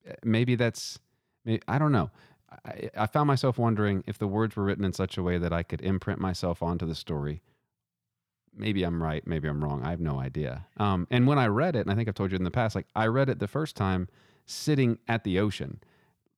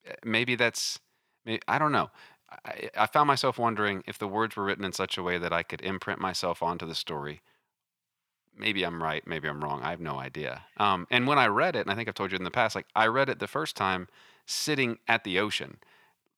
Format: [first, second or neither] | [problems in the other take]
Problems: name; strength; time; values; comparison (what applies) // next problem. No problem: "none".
first | thin; somewhat; fading below 900 Hz